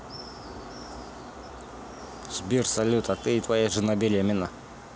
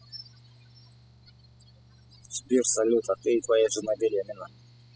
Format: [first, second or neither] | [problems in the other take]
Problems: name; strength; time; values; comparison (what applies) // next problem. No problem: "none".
first | noise reduction (classical method spectral subtraction)